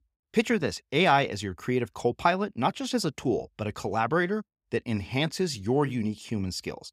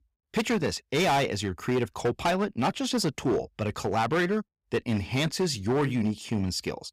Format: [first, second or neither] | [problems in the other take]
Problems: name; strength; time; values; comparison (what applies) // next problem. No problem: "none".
first | distortion; heavy; 10% of the sound clipped